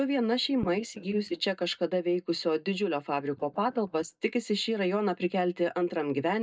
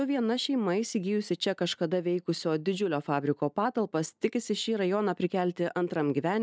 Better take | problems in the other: second | noise reduction (neural mask model DeepFilterNet 3)

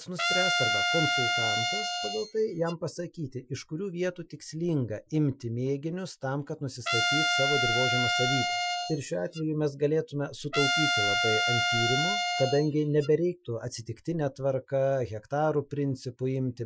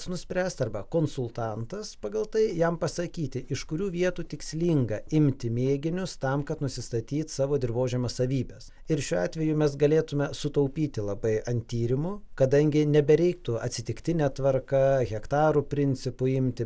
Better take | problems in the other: second | noise reduction (classical method Wiener filter)

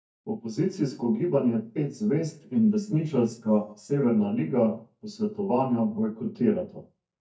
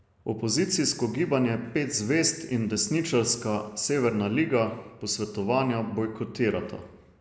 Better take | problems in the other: second | noise reduction (neural mask model DeepFilterNet 3)

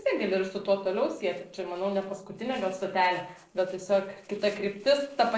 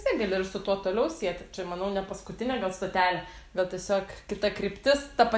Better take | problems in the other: second | noise reduction (neural separator model SepFormer DNS4)

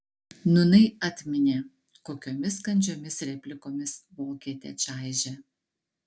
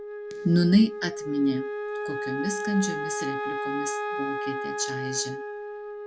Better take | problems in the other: first | background sound (Wind instrument, woodwind instrument); 4 dB below the speech

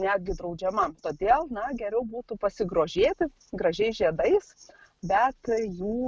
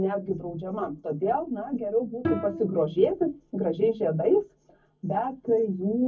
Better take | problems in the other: first | background sound (Bowed string instrument); 9 dB below the speech // room echo; dies away in 0.3 s

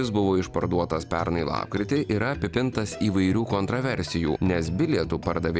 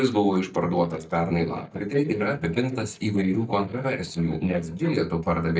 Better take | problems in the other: first | noise reduction (neural mask model DeepFilterNet 3)

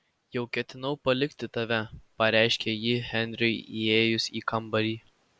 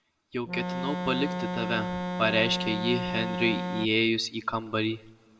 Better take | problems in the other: first | background sound (Organ); 2 dB below the speech // room echo; dies away in 1.2 s

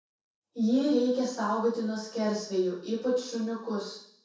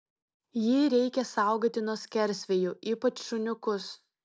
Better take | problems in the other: second | room echo; dies away in 0.6 s

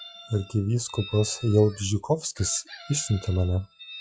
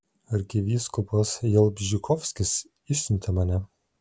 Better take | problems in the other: second | noise reduction (classical method log-MMSE)

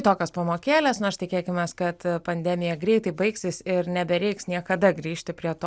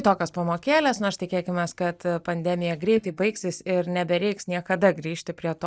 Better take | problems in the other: first | noise reduction (neural mask model DeepFilterNet 3)

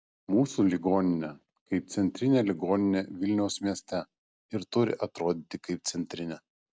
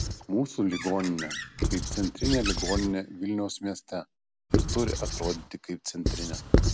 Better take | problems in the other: first | background sound (Squeak / Writing); 1 dB above the speech

